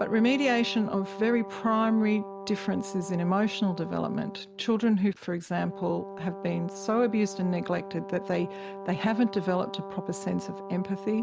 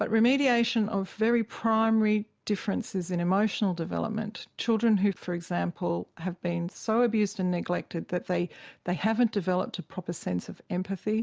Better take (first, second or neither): second